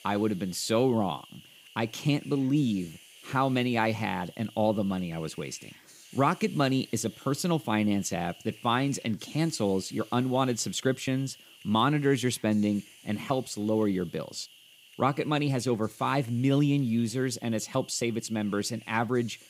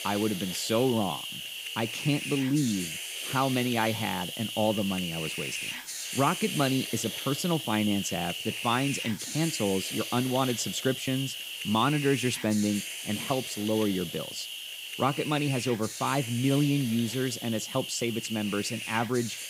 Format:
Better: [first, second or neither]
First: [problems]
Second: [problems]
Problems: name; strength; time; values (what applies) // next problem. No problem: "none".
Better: first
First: hiss; faint; throughout; 20 dB below the speech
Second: hiss; loud; throughout; 5 dB below the speech